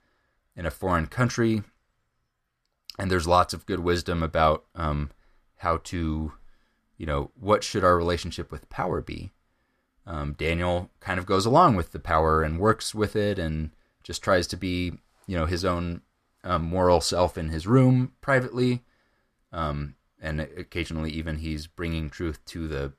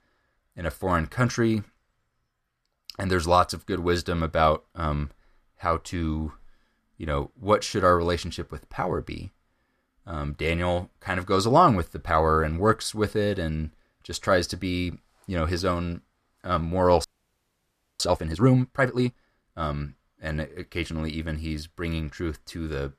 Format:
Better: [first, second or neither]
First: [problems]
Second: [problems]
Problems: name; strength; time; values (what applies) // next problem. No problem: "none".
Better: first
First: none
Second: audio freezing; at 17 s for 1 s